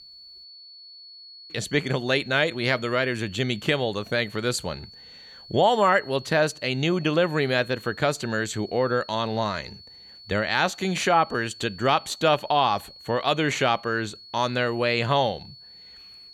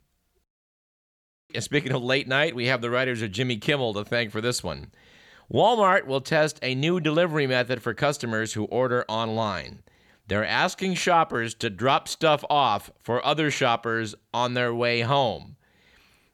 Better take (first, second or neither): second